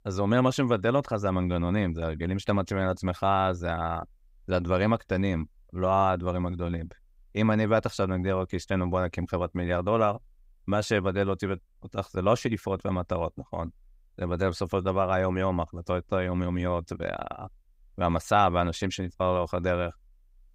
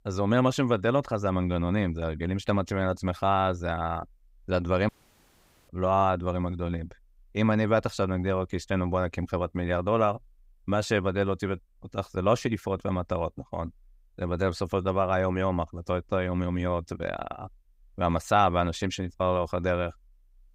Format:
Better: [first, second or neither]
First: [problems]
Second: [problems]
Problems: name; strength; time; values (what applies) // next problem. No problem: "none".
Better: first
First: none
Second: audio cutting out; at 5 s for 1 s